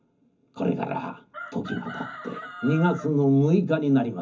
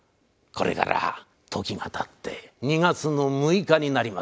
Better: second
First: background sound (Chicken, rooster); 15 dB below the speech // room echo; dies away in 0.3 s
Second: none

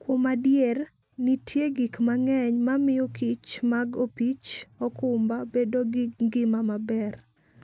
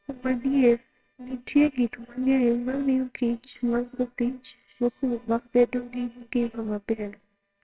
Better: first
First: none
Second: noise reduction (neural separator model SepFormer WHAMR!)

